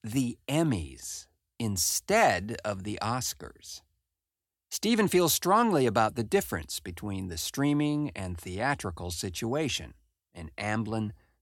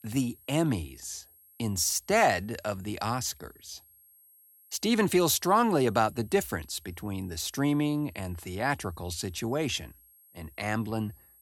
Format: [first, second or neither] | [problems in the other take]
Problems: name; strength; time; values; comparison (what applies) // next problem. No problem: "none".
first | high-pitched whine; faint; throughout; 11.5 kHz, 25 dB below the speech